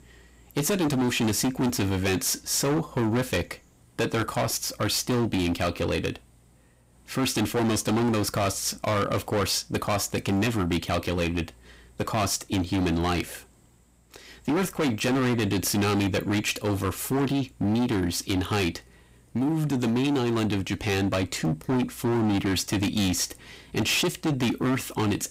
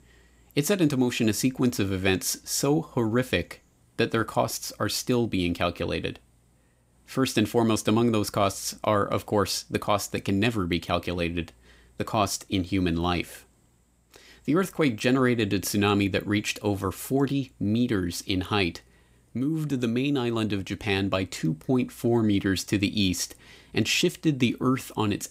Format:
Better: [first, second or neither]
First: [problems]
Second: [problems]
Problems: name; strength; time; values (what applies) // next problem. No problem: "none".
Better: second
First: distortion; heavy; 21% of the sound clipped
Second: none